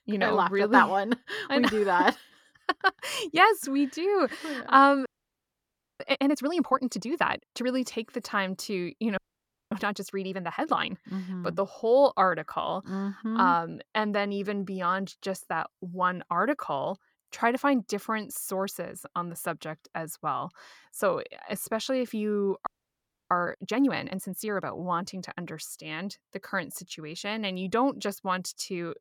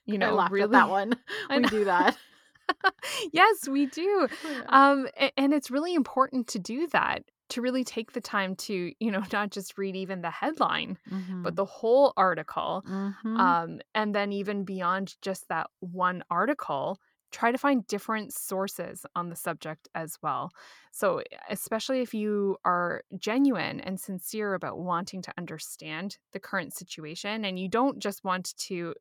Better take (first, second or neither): second